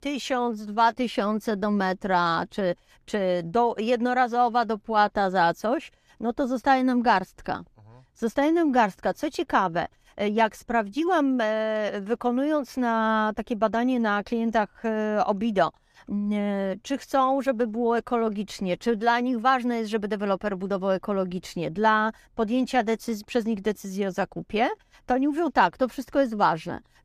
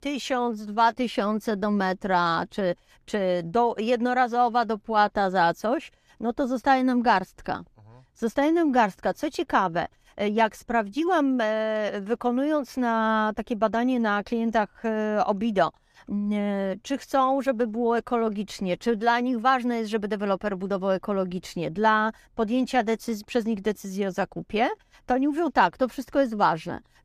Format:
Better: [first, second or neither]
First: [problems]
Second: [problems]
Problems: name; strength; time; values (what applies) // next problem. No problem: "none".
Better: neither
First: none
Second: none